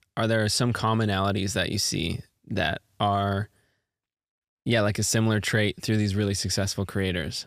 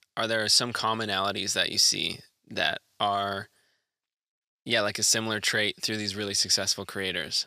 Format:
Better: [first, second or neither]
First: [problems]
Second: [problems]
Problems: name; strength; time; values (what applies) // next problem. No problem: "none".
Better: first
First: none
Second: thin; somewhat; fading below 650 Hz